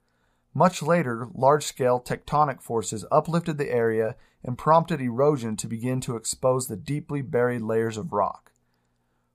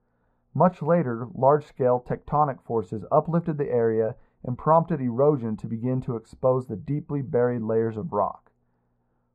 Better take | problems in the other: first | muffled; very; fading above 2.5 kHz

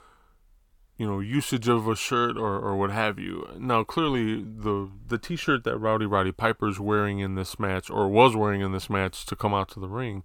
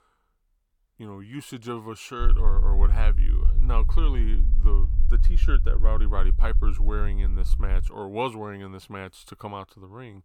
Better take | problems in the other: first | low rumble; noticeable; from 2 to 8 s; 15 dB below the speech

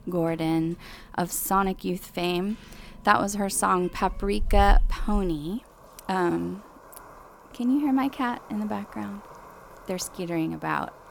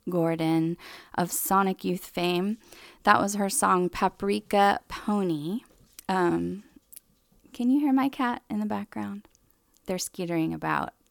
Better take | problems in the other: second | animal sounds; noticeable; throughout; 10 dB below the speech

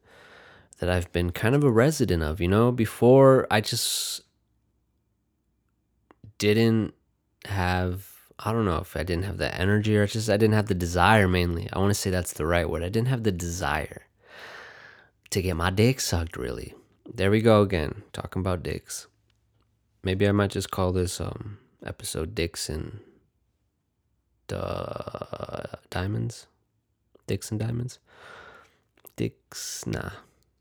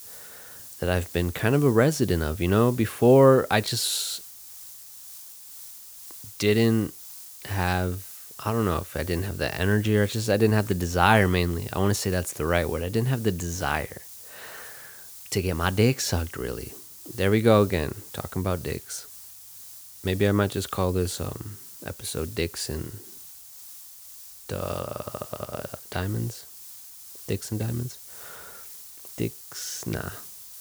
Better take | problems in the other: first | hiss; noticeable; throughout; 15 dB below the speech

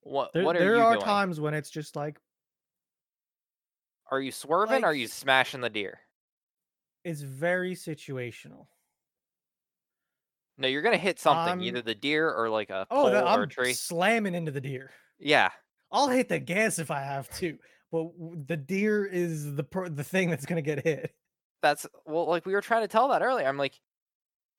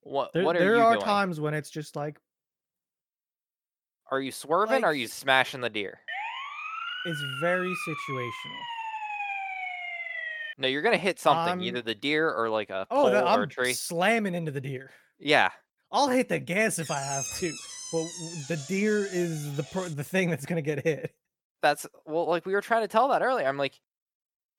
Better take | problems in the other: first | siren; noticeable; from 6 to 11 s; peak 5 dB below the speech // door banging; noticeable; from 17 to 20 s; peak 5 dB below the speech

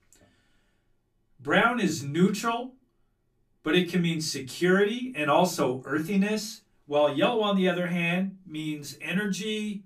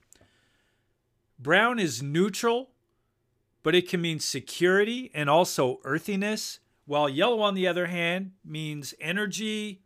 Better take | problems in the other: second | off-mic speech; far // room echo; very slight; dies away in 0.2 s

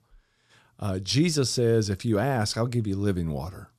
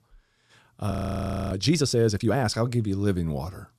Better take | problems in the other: first | audio freezing; at 1 s for 0.5 s

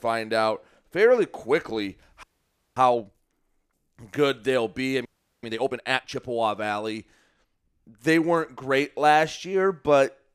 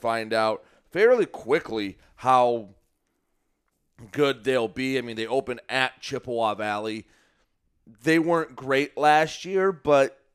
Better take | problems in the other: second | audio freezing; at 2 s for 0.5 s and at 5 s

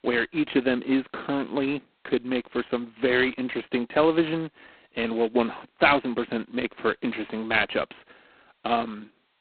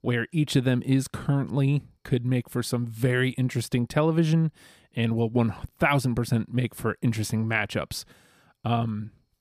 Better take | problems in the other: second | phone-call audio; poor line; nothing above 4 kHz

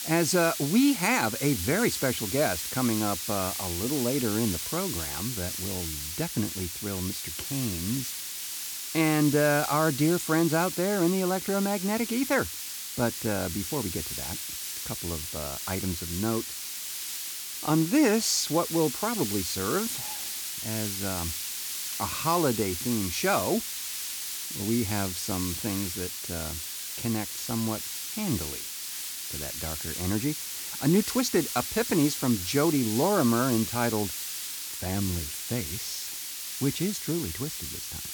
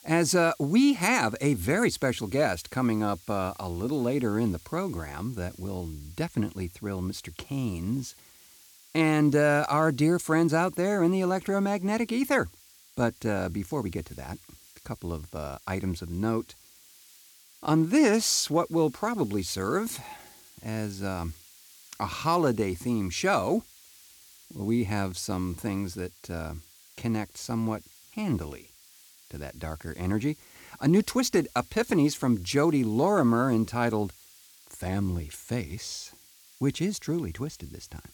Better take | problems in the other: second | hiss; loud; throughout; 4 dB below the speech; faint in the second

